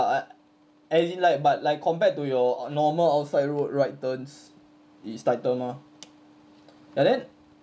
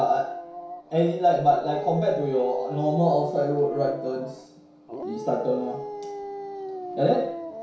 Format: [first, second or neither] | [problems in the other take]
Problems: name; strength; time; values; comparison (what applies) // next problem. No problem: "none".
first | background sound (Dog); 10 dB below the speech // room echo; dies away in 0.6 s